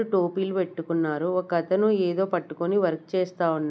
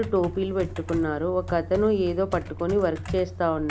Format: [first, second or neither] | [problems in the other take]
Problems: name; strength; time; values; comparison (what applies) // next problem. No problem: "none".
first | background sound (Computer keyboard); 10 dB below the speech